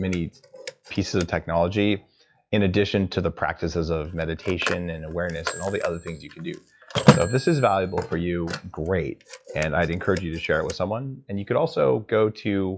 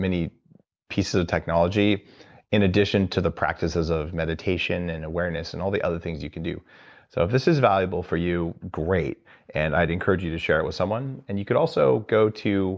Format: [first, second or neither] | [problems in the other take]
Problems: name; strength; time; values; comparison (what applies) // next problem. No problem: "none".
second | noise reduction (classical method log-MMSE)